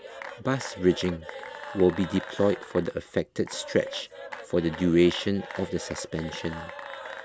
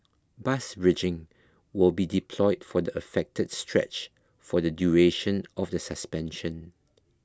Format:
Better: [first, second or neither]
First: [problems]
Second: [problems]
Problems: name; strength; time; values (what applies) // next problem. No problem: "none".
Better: second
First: background sound (Applause / Cheering / Clapping); 13 dB below the speech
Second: none